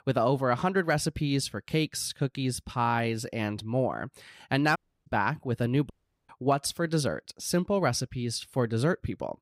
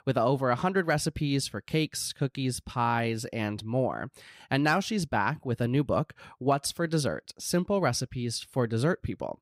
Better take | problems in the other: second | audio cutting out; at 5 s and at 6 s

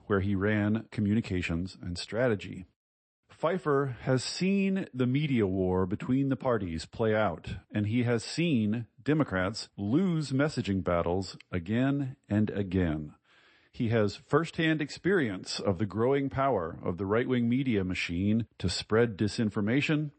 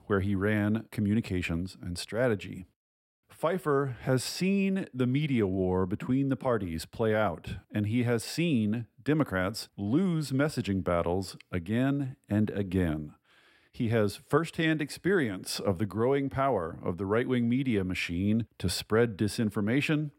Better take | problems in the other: second | garbled, watery; slightly; nothing above 8 kHz

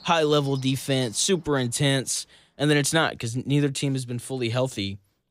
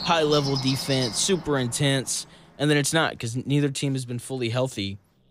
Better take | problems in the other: first | animal sounds; loud; throughout; 7 dB below the speech; faint in the first

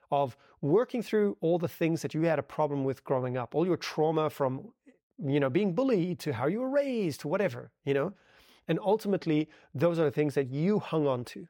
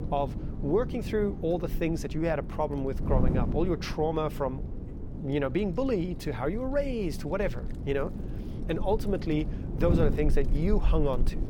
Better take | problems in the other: first | wind noise on the microphone; occasional gusts; 10 dB below the speech

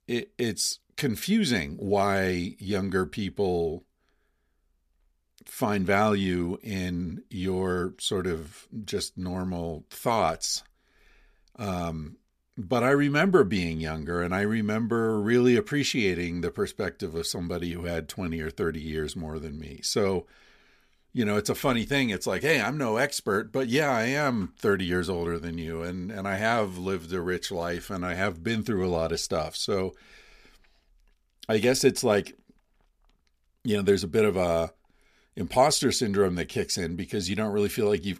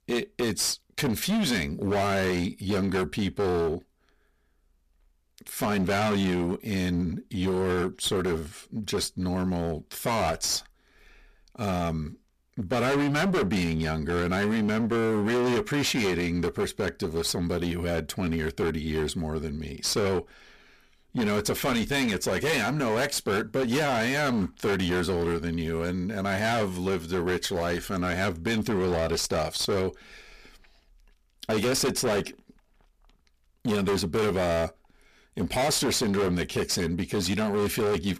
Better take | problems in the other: first | distortion; heavy; 21% of the sound clipped

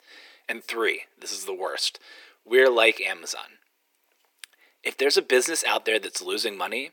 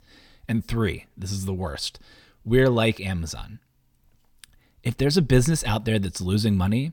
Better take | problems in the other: second | thin; very; fading below 350 Hz

